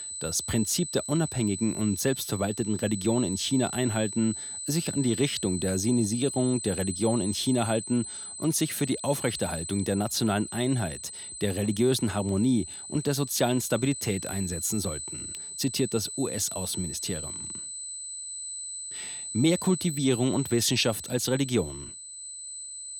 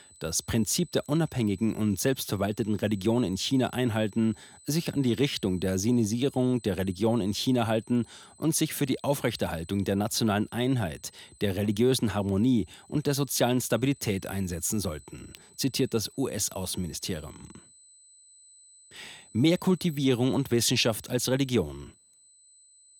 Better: second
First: high-pitched whine; loud; throughout; 8 kHz, 7 dB below the speech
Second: high-pitched whine; faint; throughout; 8 kHz, 25 dB below the speech

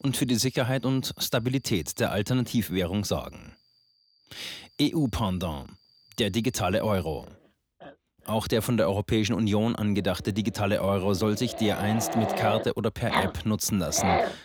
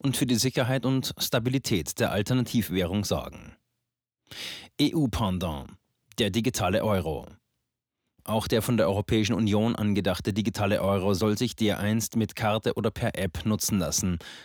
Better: second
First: animal sounds; loud; throughout; 4 dB below the speech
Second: none

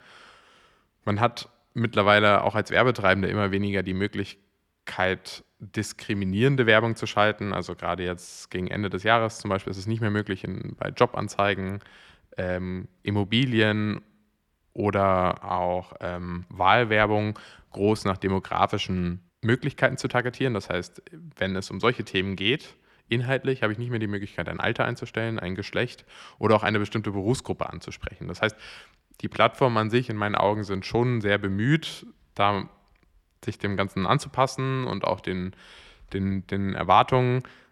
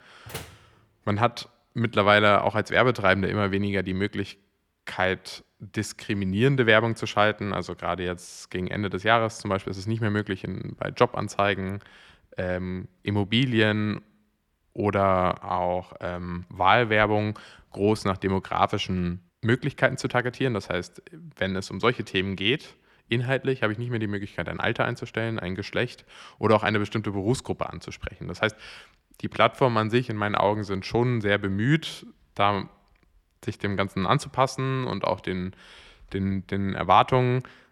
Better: first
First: none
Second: door banging; faint; at 0.5 s; peak 15 dB below the speech

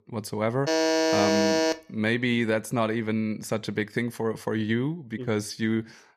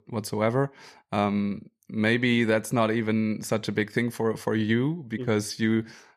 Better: second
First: alarm; loud; from 0.5 to 2 s; peak 5 dB above the speech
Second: none

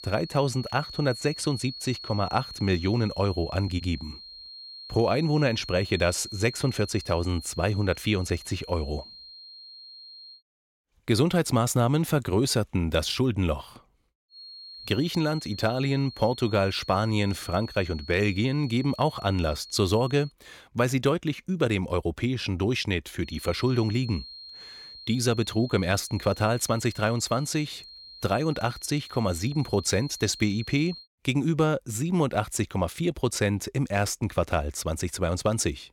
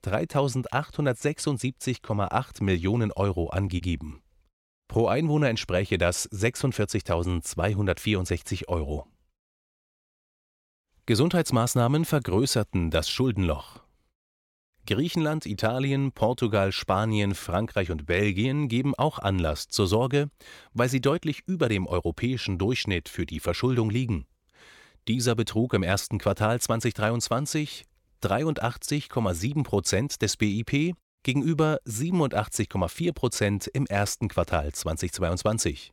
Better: second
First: high-pitched whine; noticeable; until 10 s, from 14 to 20 s and from 23 to 31 s; 4 kHz, 15 dB below the speech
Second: none

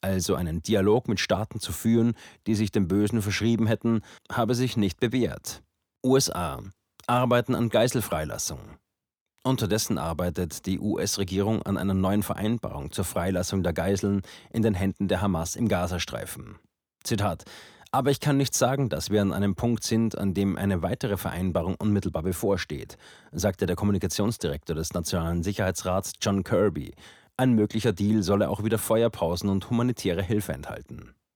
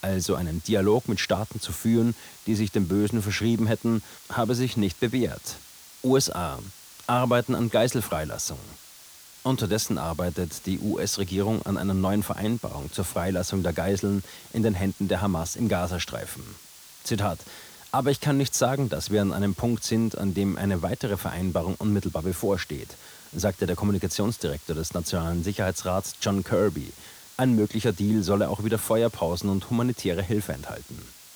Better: first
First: none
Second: hiss; noticeable; throughout; 20 dB below the speech

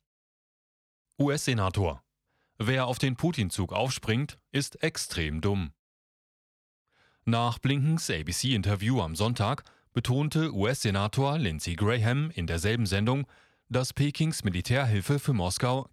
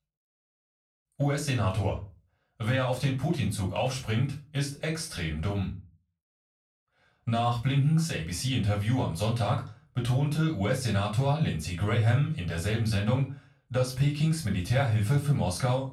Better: first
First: none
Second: off-mic speech; far // room echo; slight; dies away in 0.3 s

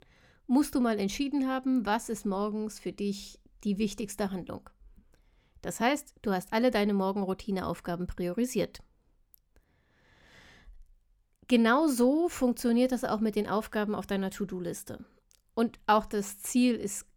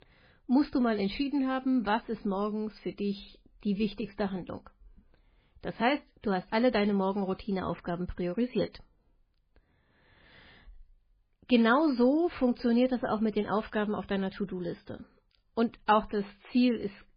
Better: first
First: none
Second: garbled, watery; badly; nothing above 4.5 kHz

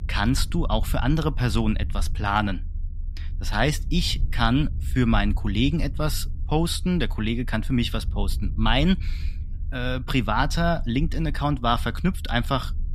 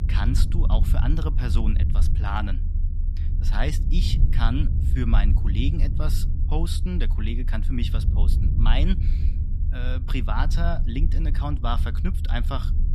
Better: first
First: low rumble; faint; throughout; 25 dB below the speech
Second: low rumble; loud; throughout; 8 dB below the speech

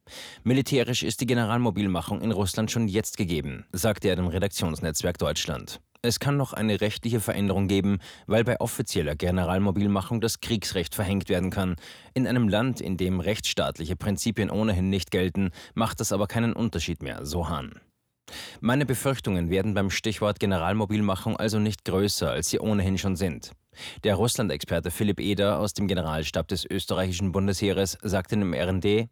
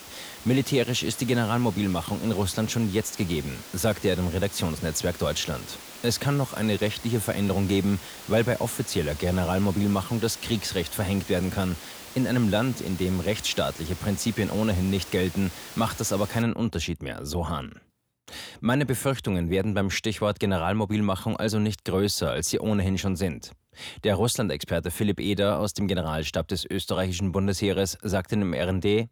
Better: first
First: none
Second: hiss; noticeable; until 16 s; 15 dB below the speech

